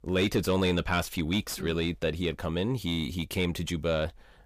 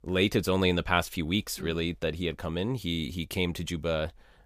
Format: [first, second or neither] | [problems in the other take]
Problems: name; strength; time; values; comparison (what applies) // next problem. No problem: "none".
second | distortion; slight; 10 dB below the speech